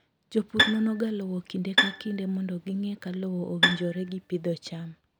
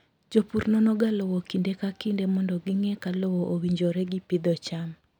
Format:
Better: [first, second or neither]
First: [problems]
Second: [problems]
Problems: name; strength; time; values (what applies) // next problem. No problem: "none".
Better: second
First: background sound (Bowed string instrument); 2 dB above the speech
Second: none